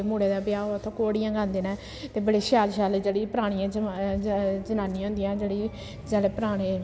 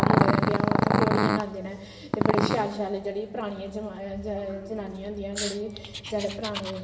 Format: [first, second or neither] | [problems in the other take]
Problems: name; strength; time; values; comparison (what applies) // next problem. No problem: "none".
first | background sound (Growling); 4 dB above the speech // room echo; dies away in 0.8 s